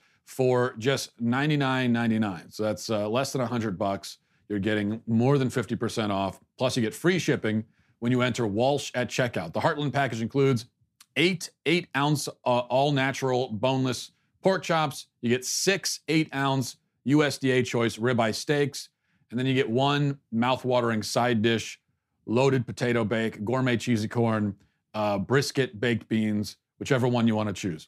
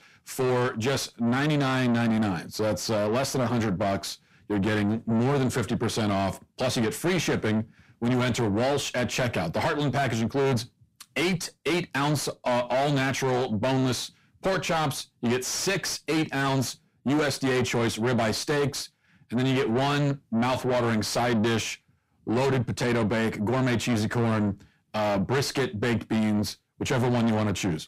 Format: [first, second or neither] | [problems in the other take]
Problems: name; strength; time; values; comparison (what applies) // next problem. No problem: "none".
first | distortion; heavy; 6 dB below the speech